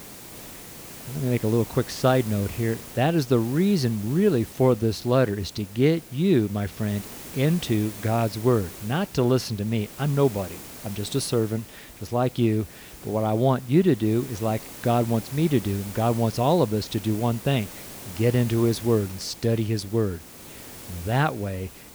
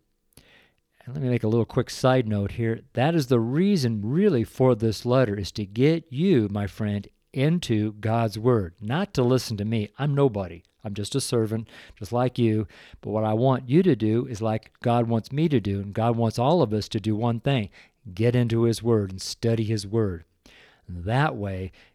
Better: second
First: hiss; noticeable; throughout; 15 dB below the speech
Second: none

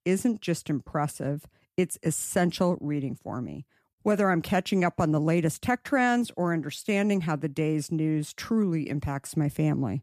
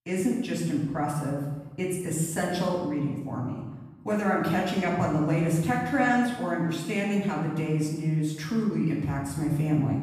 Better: first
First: none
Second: off-mic speech; far // room echo; noticeable; dies away in 1 s

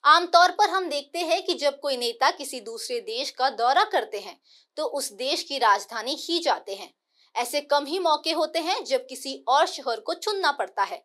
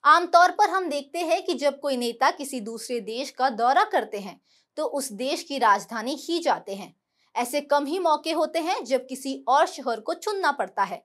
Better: second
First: thin; somewhat; fading below 350 Hz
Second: none

